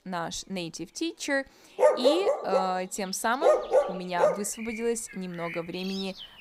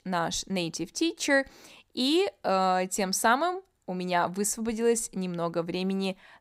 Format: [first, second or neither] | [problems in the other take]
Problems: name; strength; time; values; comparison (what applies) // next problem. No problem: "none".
second | animal sounds; very loud; throughout; 5 dB above the speech